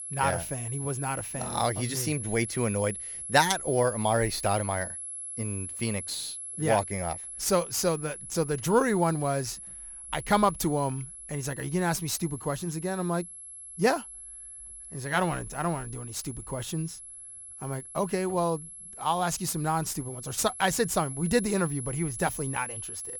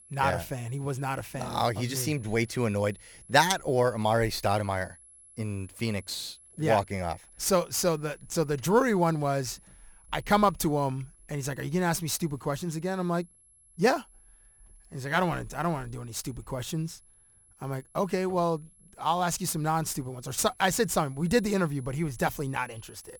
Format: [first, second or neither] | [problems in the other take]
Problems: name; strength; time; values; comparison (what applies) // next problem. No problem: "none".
second | high-pitched whine; loud; throughout; 11 kHz, 9 dB below the speech; faint in the second